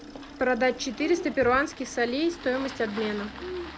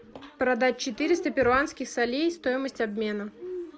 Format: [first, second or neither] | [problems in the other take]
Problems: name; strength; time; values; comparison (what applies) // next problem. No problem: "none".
second | background sound (Engine starting); 15 dB below the speech